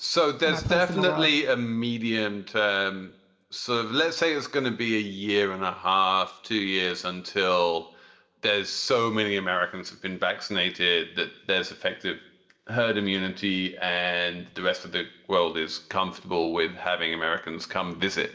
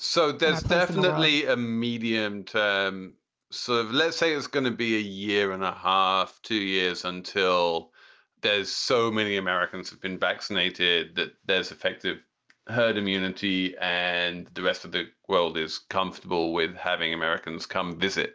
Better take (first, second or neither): second